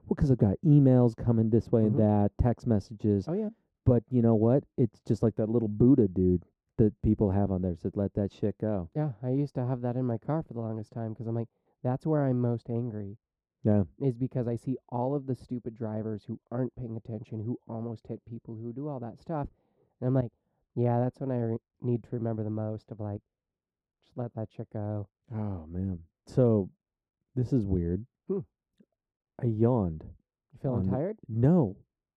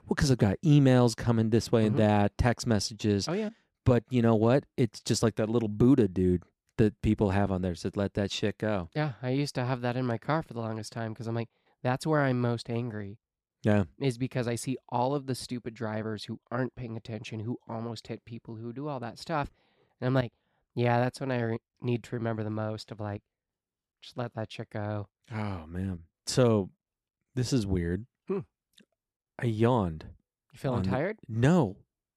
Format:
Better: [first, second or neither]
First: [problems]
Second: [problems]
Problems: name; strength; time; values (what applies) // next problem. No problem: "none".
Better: second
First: muffled; very; fading above 1 kHz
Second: none